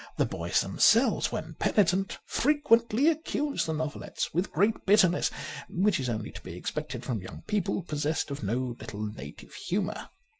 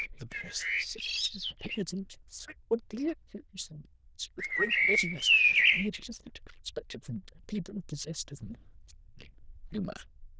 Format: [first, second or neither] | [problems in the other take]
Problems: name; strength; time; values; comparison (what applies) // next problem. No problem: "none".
first | noise reduction (neural diffusion model UNIVERSE++)